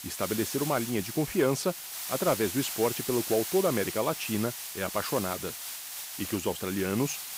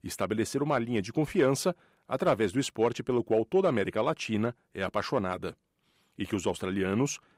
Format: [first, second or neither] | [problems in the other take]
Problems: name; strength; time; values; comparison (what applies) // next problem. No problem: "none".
second | hiss; loud; throughout; 5 dB below the speech